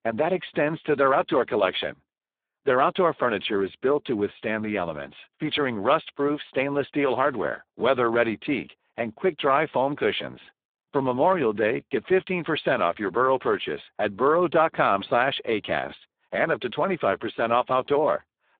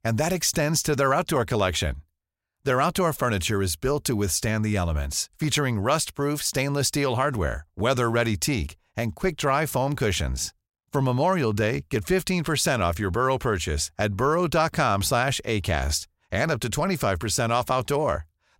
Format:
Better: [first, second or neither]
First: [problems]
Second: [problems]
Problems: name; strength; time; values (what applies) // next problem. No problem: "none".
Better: second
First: phone-call audio; poor line; nothing above 3.5 kHz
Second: none